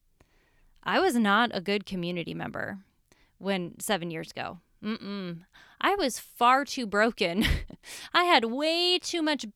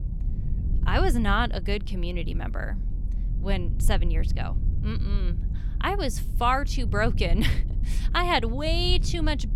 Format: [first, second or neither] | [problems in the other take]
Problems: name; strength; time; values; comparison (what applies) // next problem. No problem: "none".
first | low rumble; noticeable; throughout; 20 dB below the speech